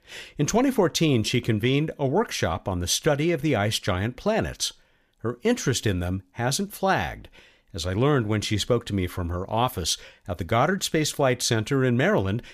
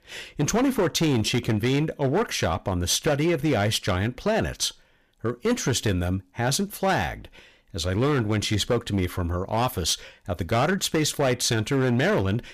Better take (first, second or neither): first